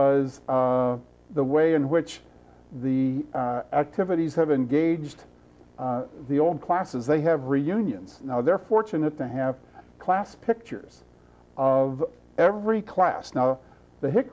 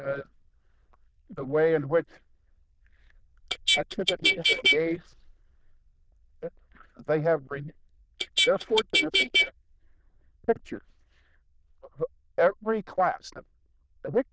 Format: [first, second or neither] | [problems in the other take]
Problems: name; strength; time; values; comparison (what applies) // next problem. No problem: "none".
first | noise reduction (neural diffusion model UNIVERSE++)